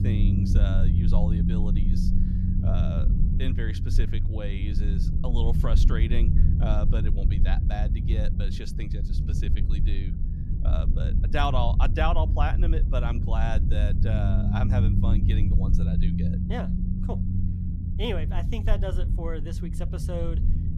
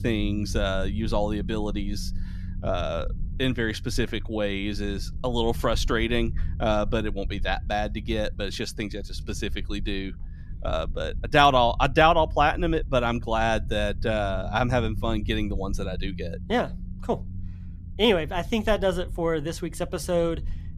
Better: second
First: low rumble; loud; throughout; 4 dB below the speech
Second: low rumble; faint; throughout; 25 dB below the speech

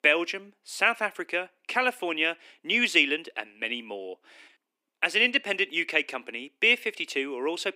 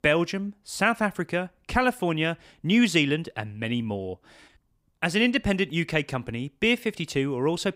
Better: second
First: thin; somewhat; fading below 300 Hz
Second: none

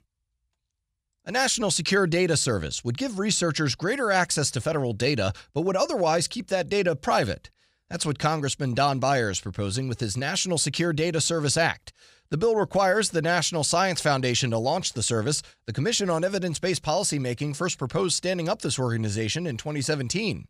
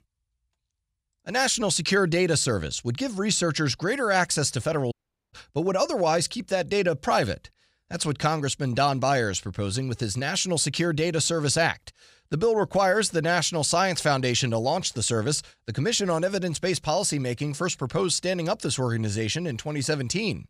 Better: first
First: none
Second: audio cutting out; at 5 s

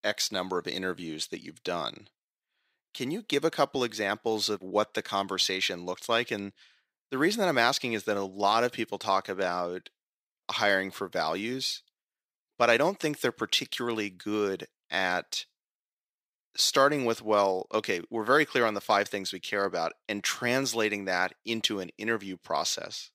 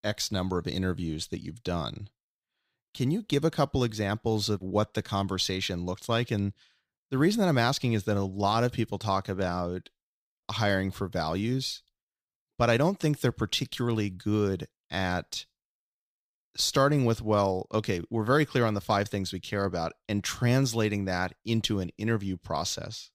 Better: second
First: thin; somewhat; fading below 350 Hz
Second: none

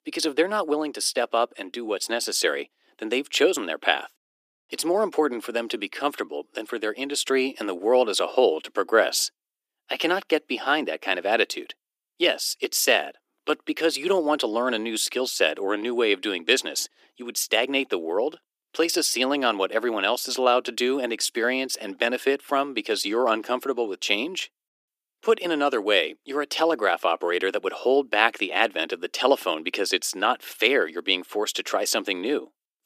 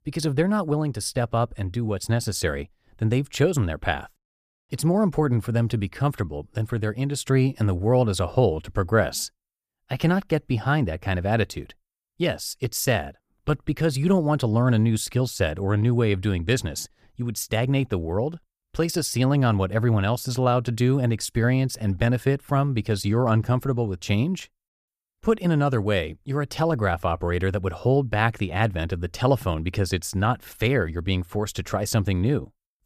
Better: second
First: thin; very; fading below 300 Hz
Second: none

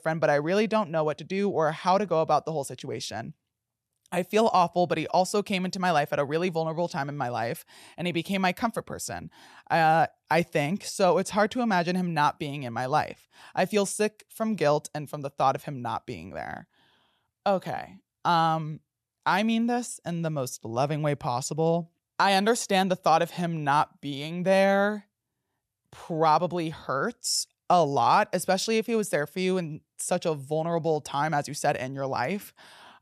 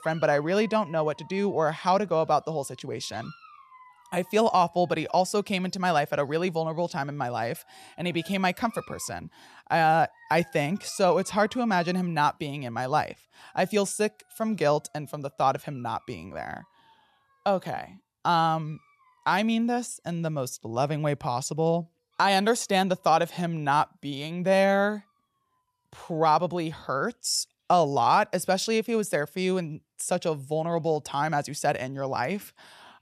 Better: first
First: none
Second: animal sounds; faint; throughout; 25 dB below the speech

